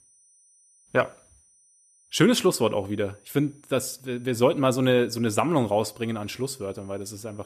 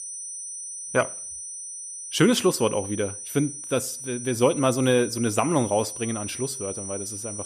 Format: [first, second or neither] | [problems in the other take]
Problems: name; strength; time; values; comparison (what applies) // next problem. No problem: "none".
first | high-pitched whine; loud; throughout; 6 kHz, 8 dB below the speech; faint in the first